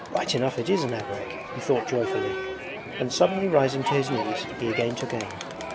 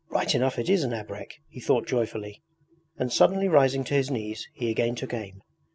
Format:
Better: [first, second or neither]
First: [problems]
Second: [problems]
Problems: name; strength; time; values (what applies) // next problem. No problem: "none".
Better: second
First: background sound (Crowd); 6 dB below the speech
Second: none